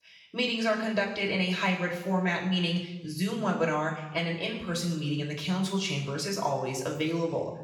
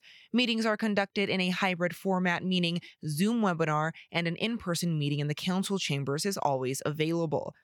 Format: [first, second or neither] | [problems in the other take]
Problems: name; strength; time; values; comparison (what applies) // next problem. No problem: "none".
second | room echo; noticeable; dies away in 0.9 s // off-mic speech; far